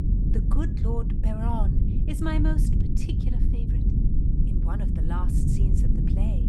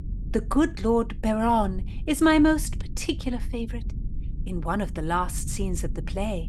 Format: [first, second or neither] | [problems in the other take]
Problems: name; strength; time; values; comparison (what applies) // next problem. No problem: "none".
second | low rumble; loud; throughout; 1 dB below the speech; faint in the second